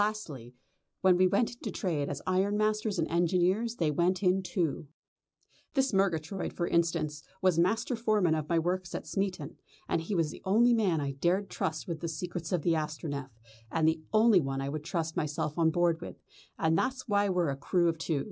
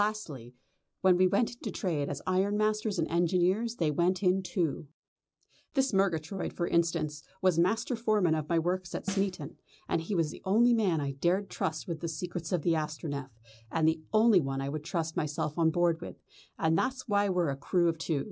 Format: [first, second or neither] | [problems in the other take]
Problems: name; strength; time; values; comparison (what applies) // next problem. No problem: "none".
first | background sound (Snare drum); 15 dB below the speech